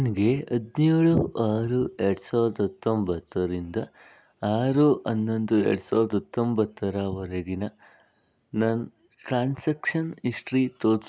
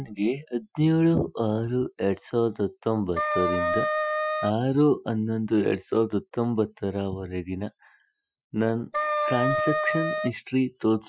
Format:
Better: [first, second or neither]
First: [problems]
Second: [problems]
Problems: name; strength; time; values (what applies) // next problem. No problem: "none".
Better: first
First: none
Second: noise reduction (classical method Wiener filter)